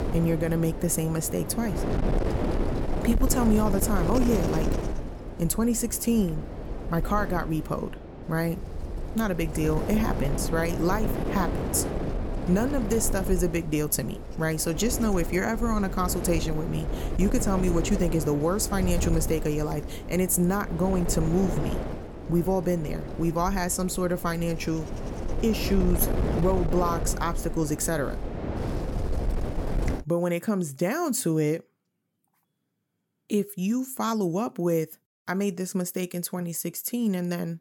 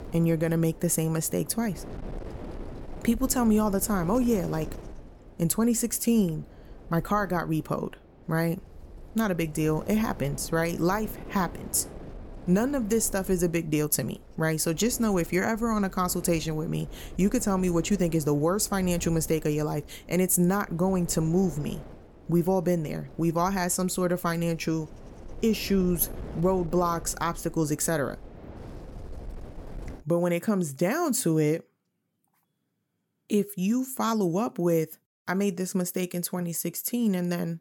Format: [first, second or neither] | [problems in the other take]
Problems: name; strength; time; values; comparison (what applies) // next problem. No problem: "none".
second | wind noise on the microphone; heavy; until 30 s; 7 dB below the speech; occasional gusts in the second